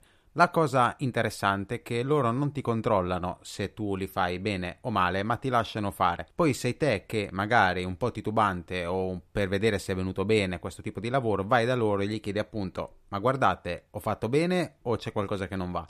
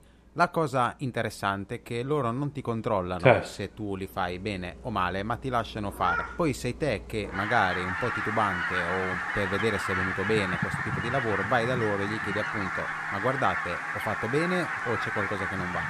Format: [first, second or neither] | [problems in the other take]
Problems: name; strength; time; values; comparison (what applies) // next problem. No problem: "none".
first | animal sounds; very loud; throughout; 1 dB above the speech